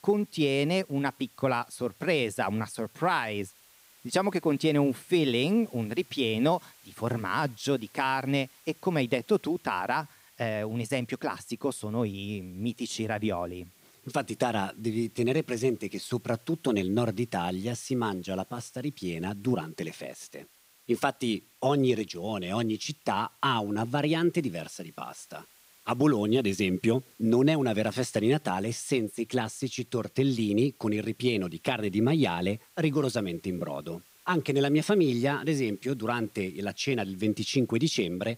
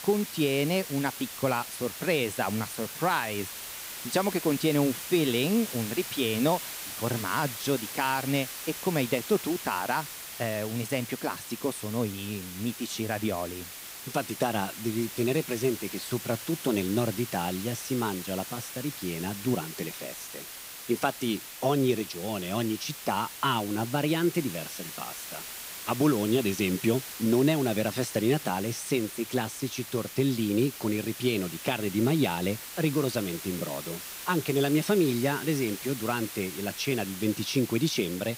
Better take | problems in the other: first | hiss; loud; throughout; 9 dB below the speech; faint in the first

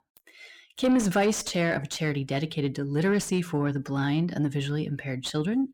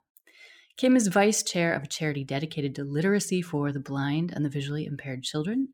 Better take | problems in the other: second | distortion; slight; 10 dB below the speech

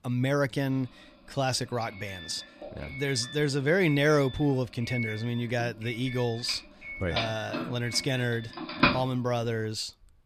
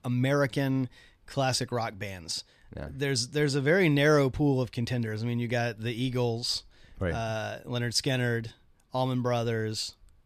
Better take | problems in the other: second | doorbell; loud; from 5 to 9 s; peak 4 dB above the speech

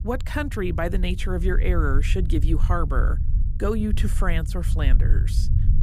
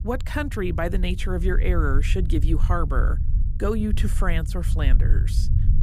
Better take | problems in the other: neither | low rumble; noticeable; throughout; 15 dB below the speech; the same in both

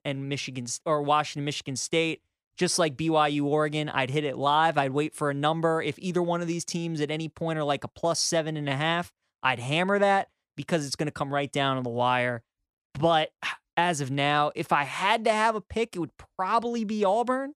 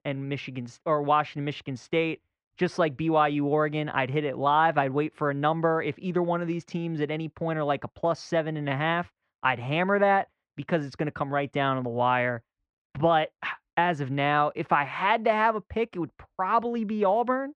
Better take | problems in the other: first | muffled; very; fading above 2 kHz

